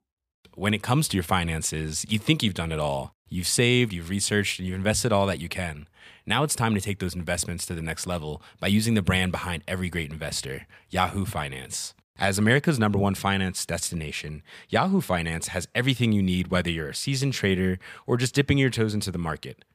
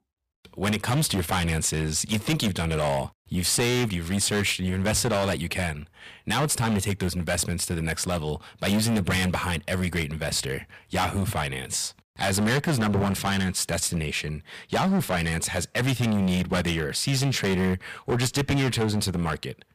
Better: first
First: none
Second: distortion; heavy; 15% of the sound clipped

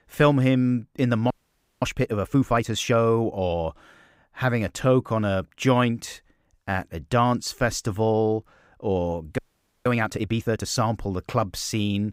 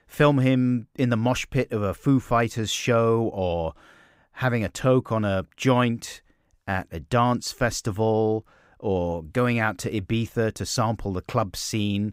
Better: second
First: audio freezing; at 1.5 s for 0.5 s and at 9.5 s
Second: none

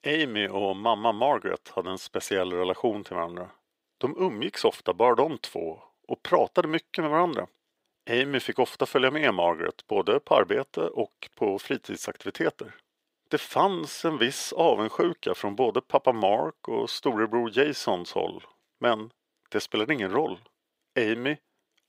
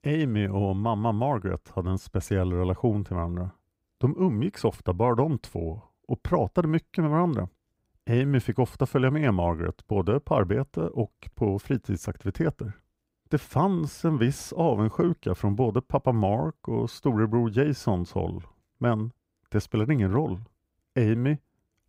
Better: second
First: thin; very; fading below 450 Hz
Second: none

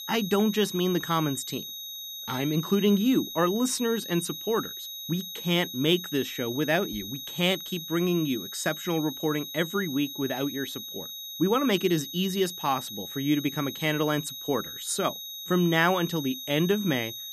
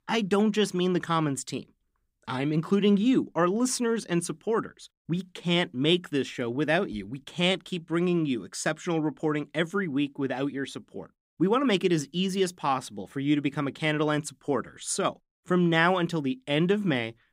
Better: second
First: high-pitched whine; loud; throughout; 4 kHz, 8 dB below the speech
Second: none

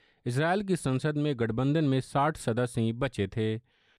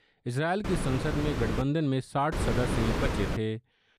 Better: first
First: none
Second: wind noise on the microphone; faint; at 0.5 s and from 2.5 to 3.5 s; 3 dB below the speech

